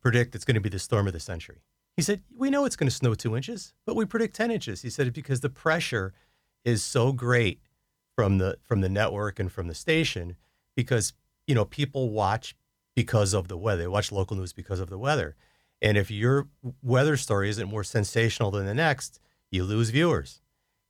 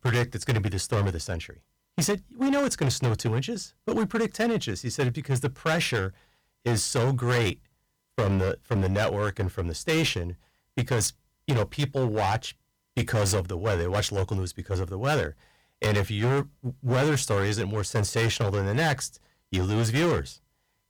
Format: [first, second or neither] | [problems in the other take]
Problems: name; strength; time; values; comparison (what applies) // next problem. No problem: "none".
first | distortion; heavy; 14% of the sound clipped